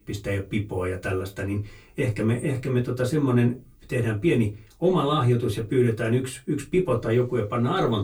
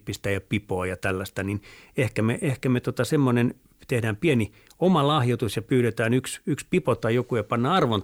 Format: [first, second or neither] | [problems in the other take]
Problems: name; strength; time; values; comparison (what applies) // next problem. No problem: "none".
second | off-mic speech; far // room echo; very slight; dies away in 0.2 s